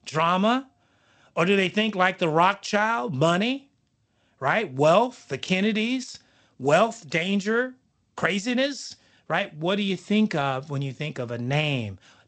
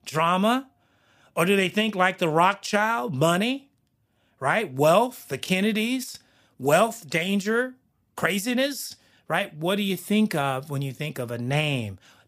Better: second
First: garbled, watery; slightly; nothing above 8 kHz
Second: none

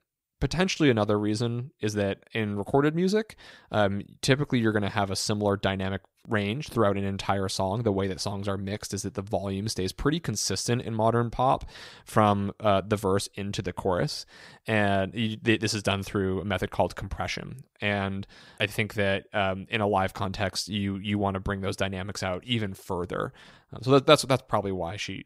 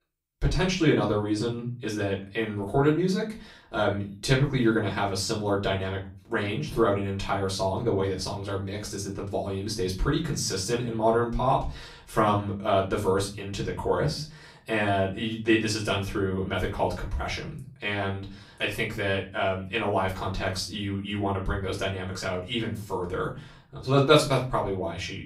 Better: first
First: none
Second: off-mic speech; far // room echo; slight; dies away in 0.4 s

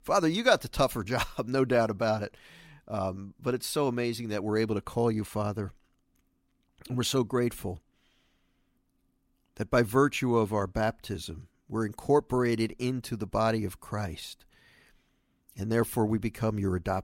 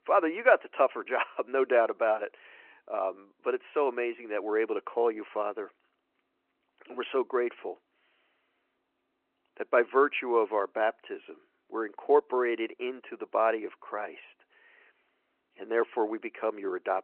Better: first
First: none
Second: phone-call audio

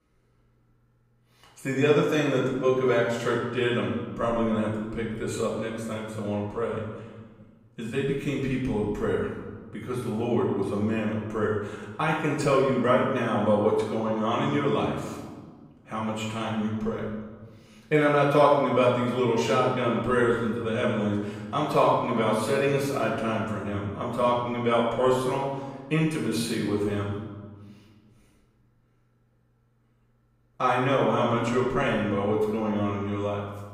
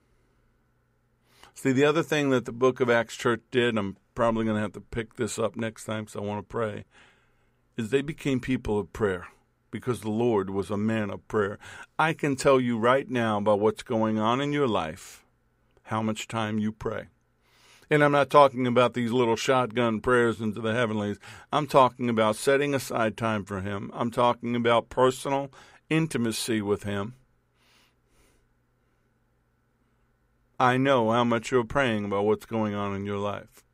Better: second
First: off-mic speech; far // room echo; noticeable; dies away in 1.3 s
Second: none

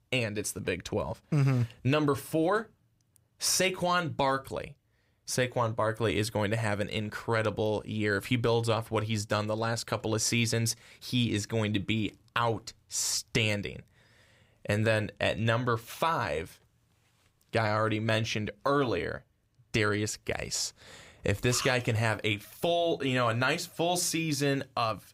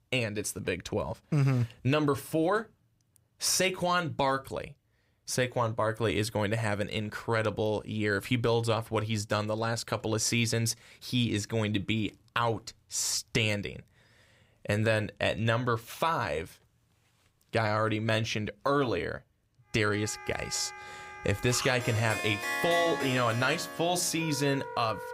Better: first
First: none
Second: background music; loud; from 20 s on; 8 dB below the speech

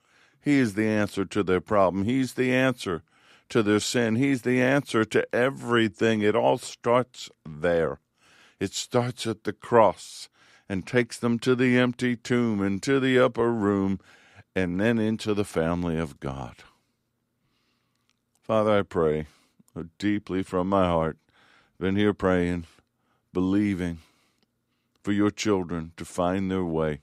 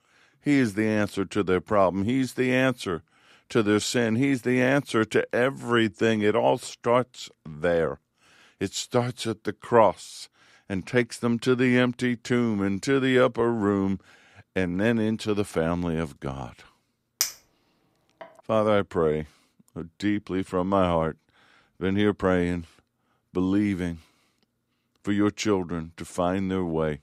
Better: first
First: none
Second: clattering dishes; noticeable; from 17 to 18 s; peak 3 dB below the speech

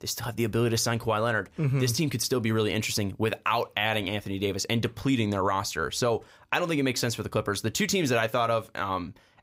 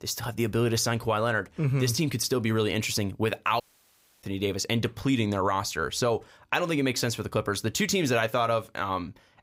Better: first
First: none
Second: audio cutting out; at 3.5 s for 0.5 s

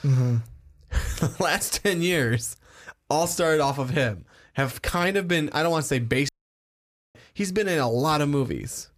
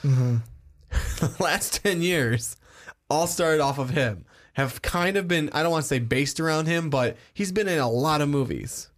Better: second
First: audio cutting out; at 6.5 s for 1 s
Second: none

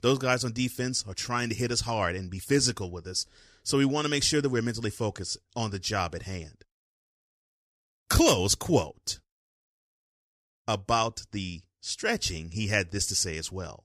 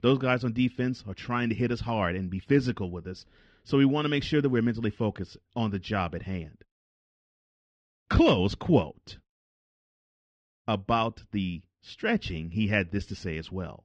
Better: first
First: none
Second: muffled; very; fading above 3 kHz

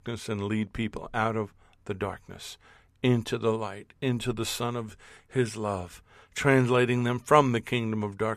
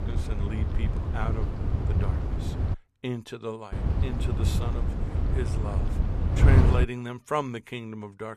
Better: first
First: none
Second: wind noise on the microphone; heavy; until 2.5 s and from 3.5 to 7 s; 2 dB below the speech

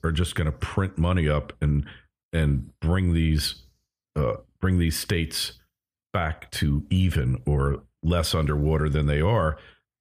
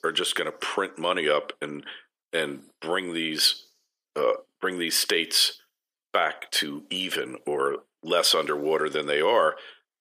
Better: first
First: none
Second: thin; very; fading below 350 Hz

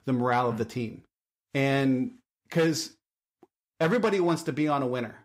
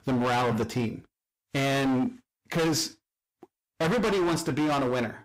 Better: first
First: none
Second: distortion; heavy; 23% of the sound clipped

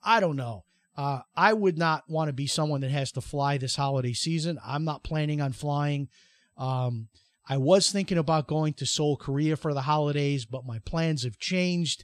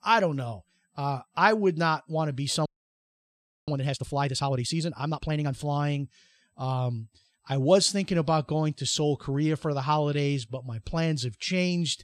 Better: first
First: none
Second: audio freezing; at 2.5 s for 1 s

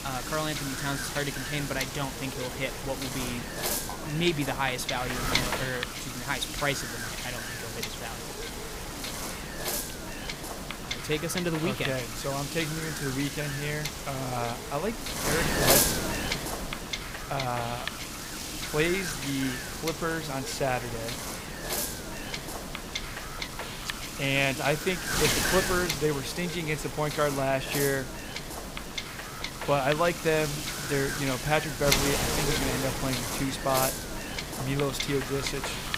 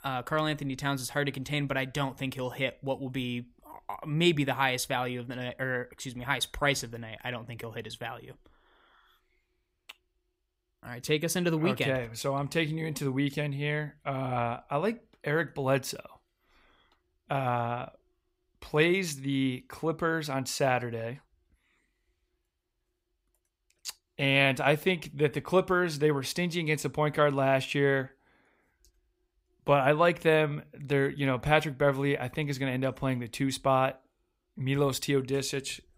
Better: second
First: wind noise on the microphone; heavy; 1 dB below the speech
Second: none

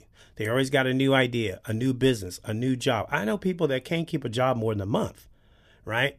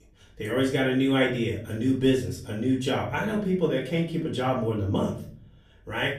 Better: first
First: none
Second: off-mic speech; far // room echo; slight; dies away in 0.4 s

